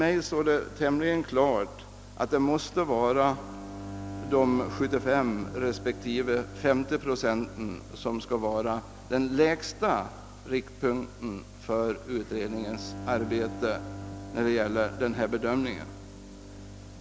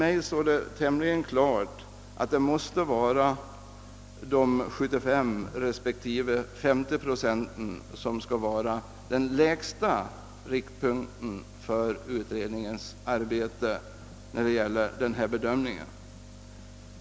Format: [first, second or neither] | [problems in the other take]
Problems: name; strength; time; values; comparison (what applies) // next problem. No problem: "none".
second | background sound (Bowed string instrument); 15 dB below the speech